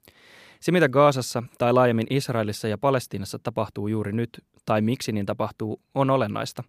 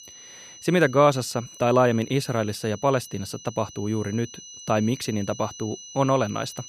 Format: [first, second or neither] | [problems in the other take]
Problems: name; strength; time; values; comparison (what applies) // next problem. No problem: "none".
first | high-pitched whine; noticeable; throughout; 6 kHz, 15 dB below the speech